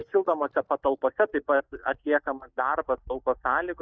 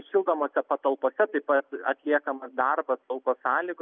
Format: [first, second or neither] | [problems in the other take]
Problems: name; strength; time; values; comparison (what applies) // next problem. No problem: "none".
second | noise reduction (neural mask model DeepFilterNet 3)